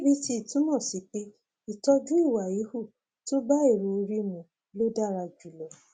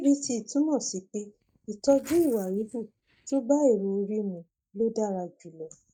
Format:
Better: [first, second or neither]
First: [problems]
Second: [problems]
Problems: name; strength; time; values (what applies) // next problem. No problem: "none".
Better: first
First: none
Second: noise reduction (neural mask model DeepFilterNet 3)